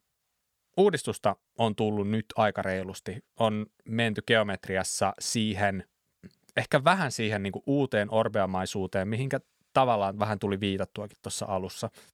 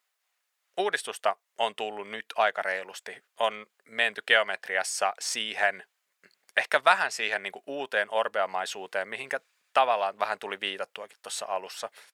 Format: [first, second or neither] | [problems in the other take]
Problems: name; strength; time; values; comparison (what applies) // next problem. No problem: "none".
first | thin; very; fading below 700 Hz